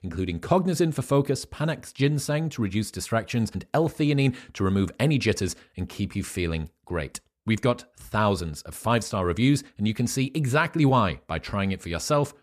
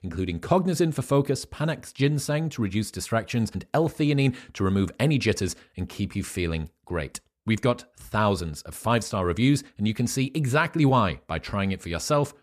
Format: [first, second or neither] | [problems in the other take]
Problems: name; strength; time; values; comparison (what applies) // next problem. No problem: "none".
neither | none